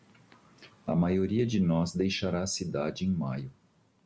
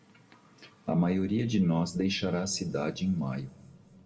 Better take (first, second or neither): first